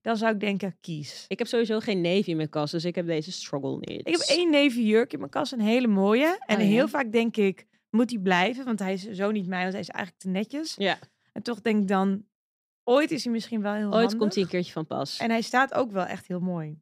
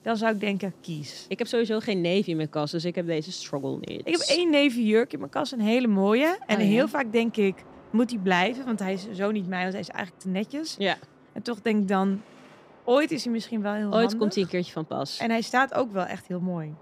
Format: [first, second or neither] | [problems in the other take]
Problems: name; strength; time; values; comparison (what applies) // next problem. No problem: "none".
first | train or aircraft noise; faint; throughout; 25 dB below the speech